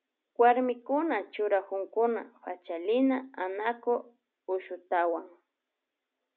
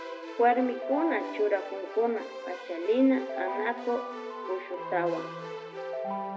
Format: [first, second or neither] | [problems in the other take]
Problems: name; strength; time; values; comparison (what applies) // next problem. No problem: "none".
first | background sound (Keyboard (musical)); 7 dB below the speech // room echo; dies away in 1.2 s